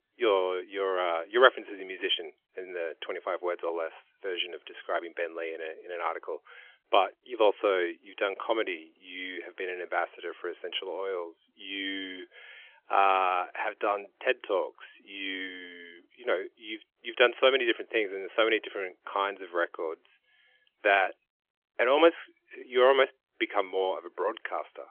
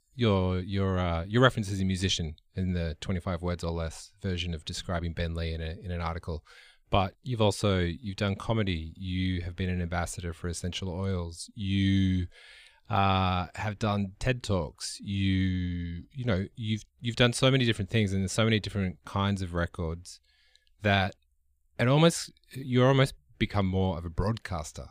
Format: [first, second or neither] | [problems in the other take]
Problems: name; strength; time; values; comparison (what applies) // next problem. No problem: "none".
second | phone-call audio; nothing above 3.5 kHz